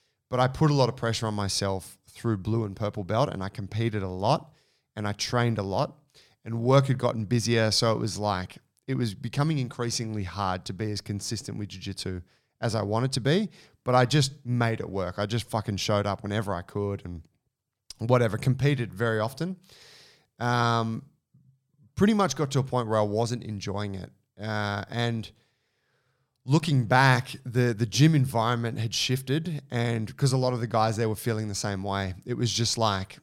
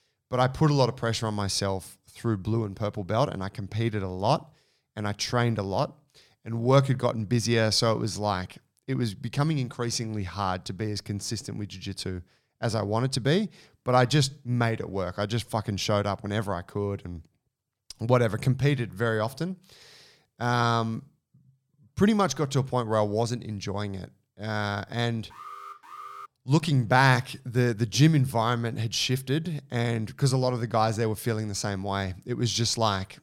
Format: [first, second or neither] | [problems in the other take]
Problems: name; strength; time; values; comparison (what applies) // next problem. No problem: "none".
first | alarm; faint; at 25 s; peak 15 dB below the speech